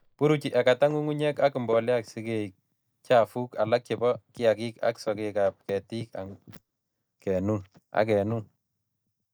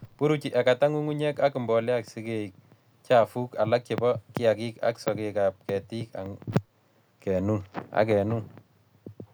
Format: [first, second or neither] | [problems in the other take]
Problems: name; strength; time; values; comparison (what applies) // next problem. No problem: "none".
second | noise reduction (neural mask model DeepFilterNet 3)